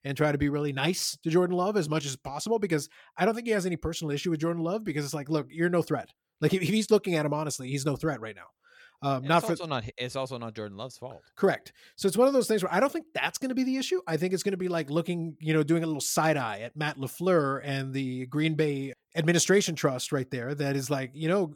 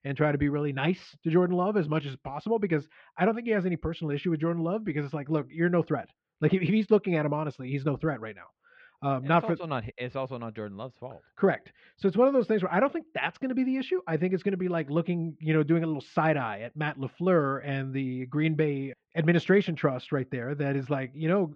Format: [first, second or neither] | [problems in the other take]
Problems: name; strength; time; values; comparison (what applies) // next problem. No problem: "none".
first | muffled; very; fading above 3 kHz